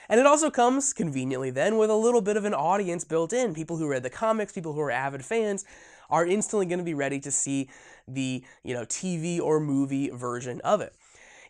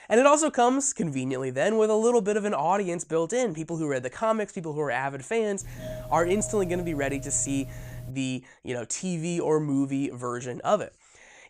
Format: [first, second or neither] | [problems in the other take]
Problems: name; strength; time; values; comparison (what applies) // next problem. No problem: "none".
first | doorbell; faint; from 5.5 to 8 s; peak 10 dB below the speech